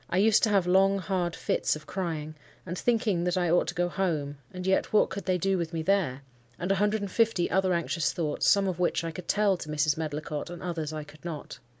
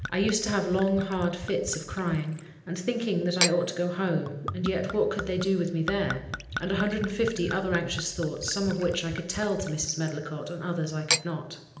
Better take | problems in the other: first | background sound (Gurgling / Chink, clink / Liquid); 8 dB below the speech // room echo; dies away in 0.9 s

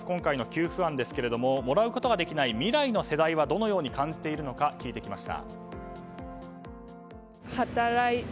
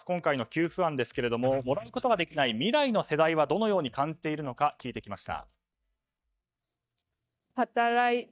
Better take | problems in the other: first | noise reduction (neural mask model DeepFilterNet 3)

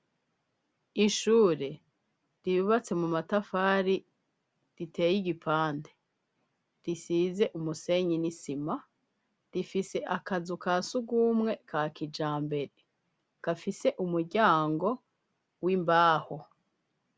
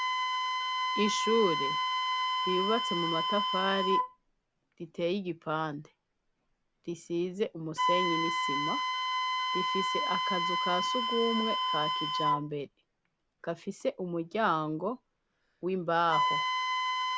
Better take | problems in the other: first | background sound (Wind instrument, woodwind instrument); 1 dB above the speech

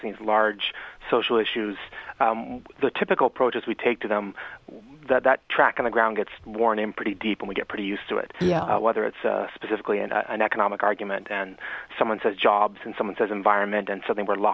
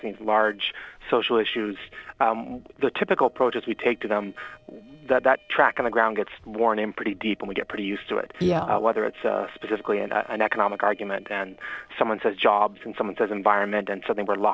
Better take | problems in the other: first | noise reduction (neural separator model SepFormer DNS4)

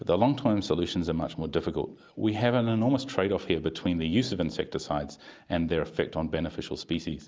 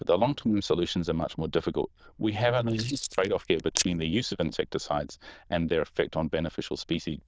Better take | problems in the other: first | noise reduction (neural diffusion model UNIVERSE++)

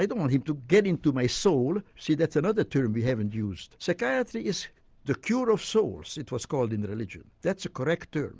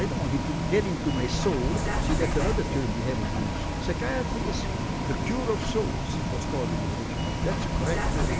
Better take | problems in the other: first | background sound (Bus); 3 dB above the speech

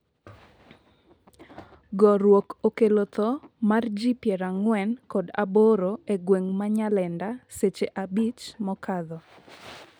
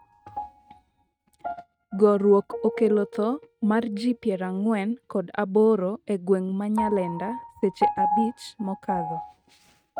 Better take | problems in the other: first | noise reduction (neural mask model RNNoise)

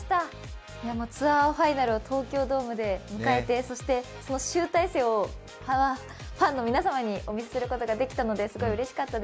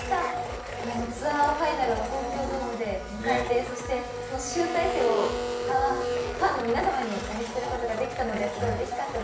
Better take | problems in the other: first | background sound (Domestic sounds, home sounds); 4 dB below the speech // room echo; dies away in 0.6 s

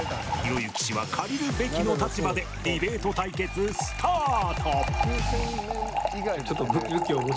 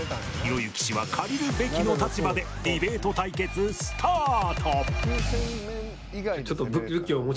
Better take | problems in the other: second | background sound (Fill (with liquid) / Trickle, dribble); 7 dB below the speech

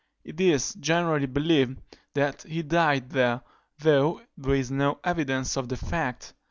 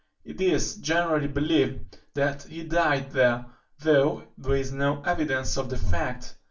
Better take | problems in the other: first | room echo; dies away in 0.3 s

